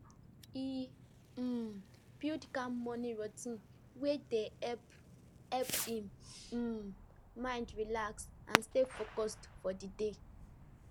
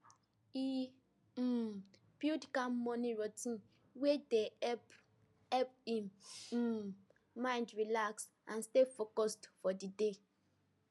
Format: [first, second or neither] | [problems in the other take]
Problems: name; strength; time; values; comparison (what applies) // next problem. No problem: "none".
second | background sound (Fireworks); 5 dB below the speech